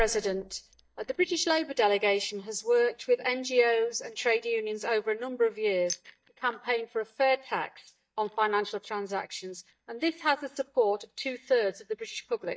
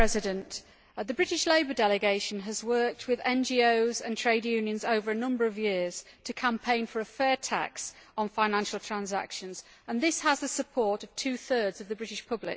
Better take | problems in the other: second | noise reduction (neural mask model DeepFilterNet 3)

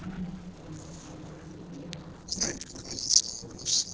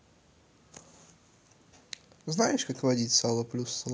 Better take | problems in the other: second | noise reduction (neural separator model SepFormer DNS4)

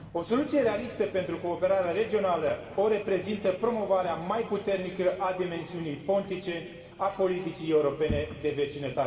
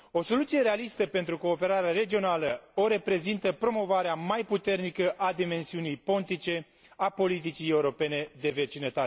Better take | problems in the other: second | background sound (Sliding door); 17 dB below the speech // room echo; dies away in 1.9 s

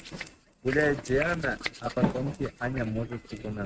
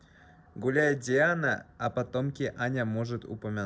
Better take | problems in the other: second | noise reduction (neural mask model RNNoise)

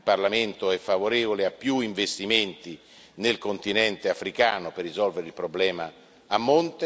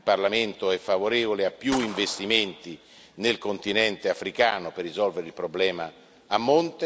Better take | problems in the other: first | background sound (Gunshot, gunfire); 14 dB below the speech

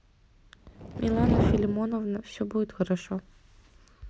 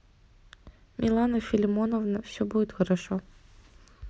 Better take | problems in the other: second | background sound (Fire); 2 dB above the speech

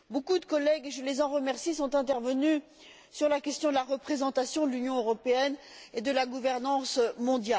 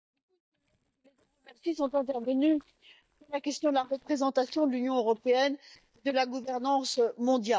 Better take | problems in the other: first | noise reduction (neural mask model DeepFilterNet 3)

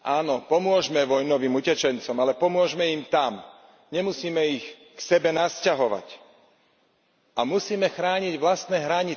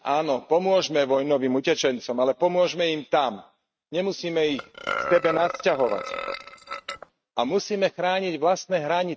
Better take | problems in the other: first | noise reduction (neural mask model RNNoise)

